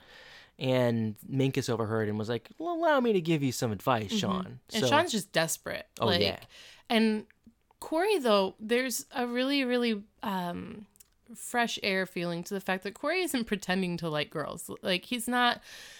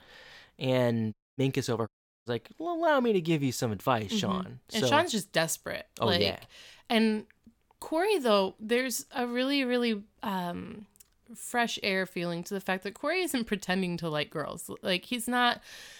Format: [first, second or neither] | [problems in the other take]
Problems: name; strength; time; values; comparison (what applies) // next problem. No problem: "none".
first | audio cutting out; at 1 s and at 2 s